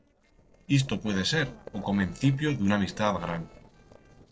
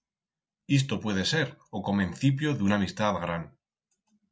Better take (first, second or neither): second